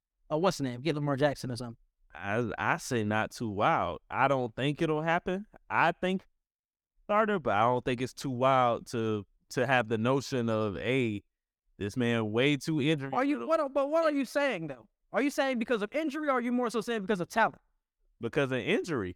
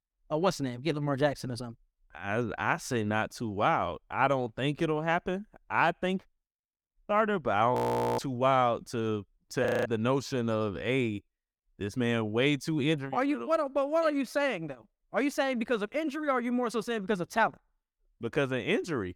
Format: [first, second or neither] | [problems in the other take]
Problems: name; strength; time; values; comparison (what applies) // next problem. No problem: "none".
first | audio freezing; at 8 s and at 9.5 s